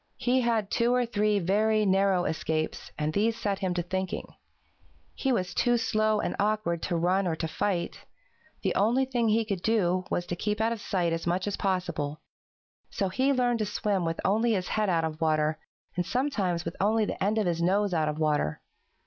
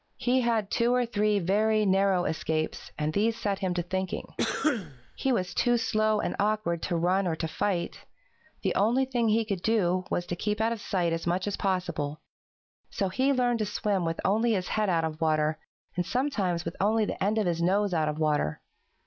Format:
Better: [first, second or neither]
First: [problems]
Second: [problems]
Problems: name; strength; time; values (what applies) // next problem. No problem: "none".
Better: first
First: none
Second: background sound (Cough); 4 dB below the speech